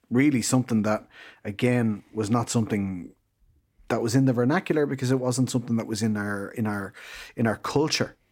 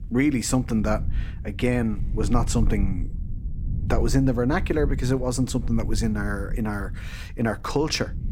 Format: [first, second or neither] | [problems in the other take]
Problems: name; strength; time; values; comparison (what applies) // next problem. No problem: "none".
first | low rumble; noticeable; throughout; 20 dB below the speech